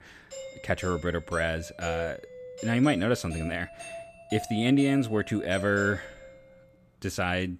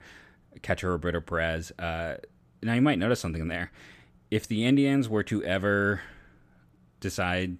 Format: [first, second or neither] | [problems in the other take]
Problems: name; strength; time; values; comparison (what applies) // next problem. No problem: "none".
second | doorbell; noticeable; until 6.5 s; peak 8 dB below the speech